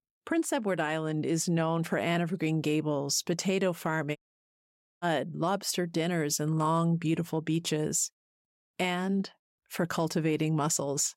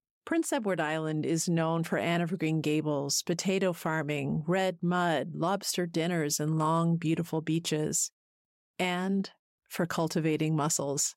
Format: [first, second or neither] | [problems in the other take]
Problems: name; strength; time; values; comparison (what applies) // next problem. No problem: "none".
second | audio cutting out; at 4 s for 1 s